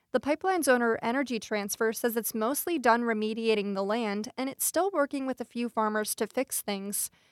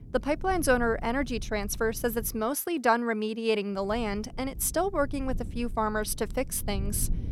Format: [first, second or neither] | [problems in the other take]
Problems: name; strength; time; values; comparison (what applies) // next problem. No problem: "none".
first | low rumble; faint; until 2.5 s and from 4 s on; 25 dB below the speech